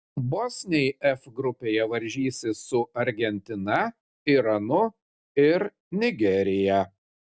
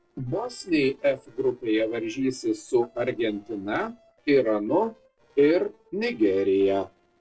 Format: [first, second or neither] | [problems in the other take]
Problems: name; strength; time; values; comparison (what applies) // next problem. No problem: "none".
first | noise reduction (neural separator model SepFormer DNS4)